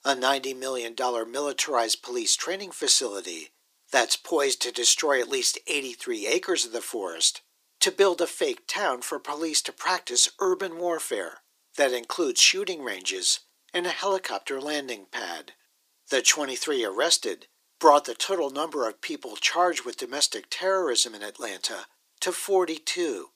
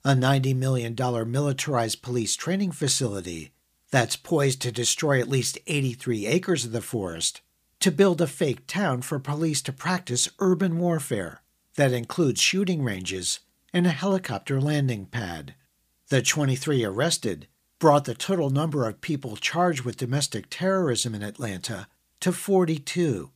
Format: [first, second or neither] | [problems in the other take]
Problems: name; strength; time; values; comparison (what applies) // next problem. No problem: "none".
second | thin; very; fading below 350 Hz